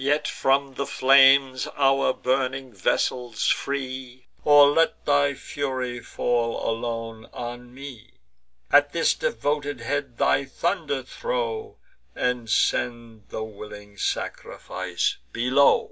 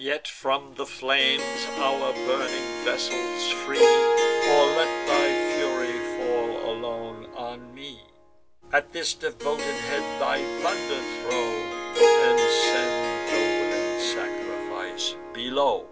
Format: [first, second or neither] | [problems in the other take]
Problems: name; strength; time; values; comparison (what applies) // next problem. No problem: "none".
first | background sound (Harp); 2 dB above the speech